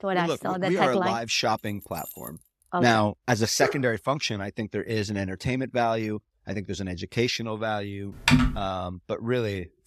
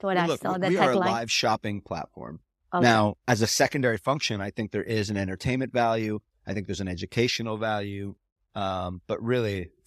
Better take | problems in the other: second | jangling keys; faint; at 1.5 s; peak 10 dB below the speech // dog barking; noticeable; at 3.5 s; peak 5 dB below the speech // keyboard typing; loud; at 8.5 s; peak 6 dB above the speech

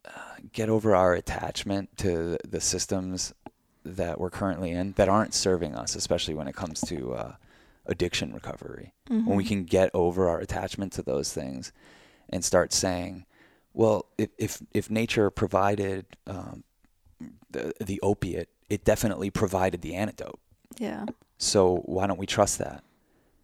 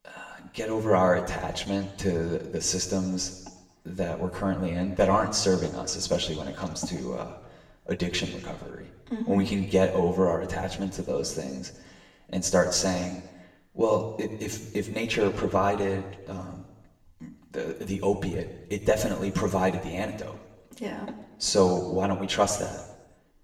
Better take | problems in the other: first | room echo; slight; dies away in 1 s // off-mic speech; somewhat distant

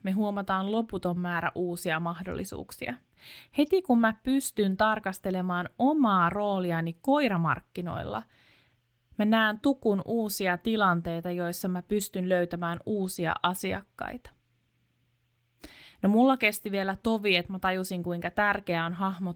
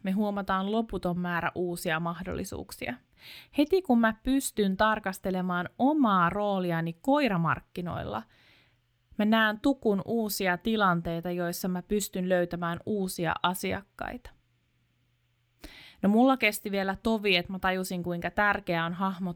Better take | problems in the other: second | garbled, watery; slightly; nothing above 19 kHz

